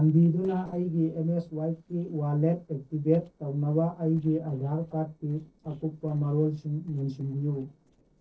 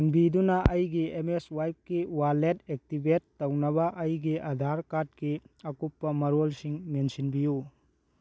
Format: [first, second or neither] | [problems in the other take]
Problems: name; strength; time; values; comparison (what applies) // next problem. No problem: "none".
second | noise reduction (neural separator model SepFormer DNS4)